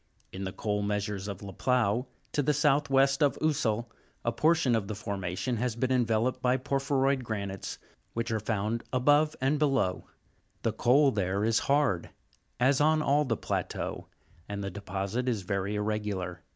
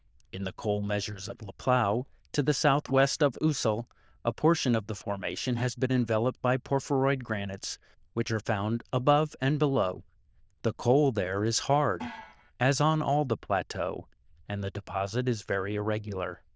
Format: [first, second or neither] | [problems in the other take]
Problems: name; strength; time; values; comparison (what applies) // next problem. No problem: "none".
first | noise reduction (neural diffusion model UNIVERSE++)